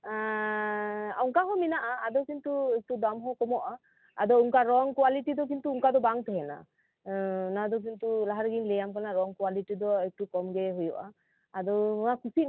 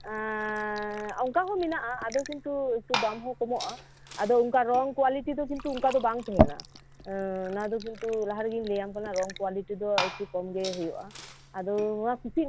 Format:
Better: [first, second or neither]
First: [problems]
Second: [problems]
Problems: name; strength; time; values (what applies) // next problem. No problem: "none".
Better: first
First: none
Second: background sound (Liquid); 6 dB below the speech